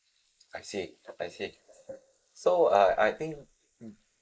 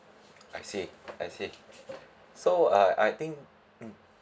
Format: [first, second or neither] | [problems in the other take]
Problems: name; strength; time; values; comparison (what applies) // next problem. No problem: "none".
second | noise reduction (neural mask model Resemble Enhance denoiser)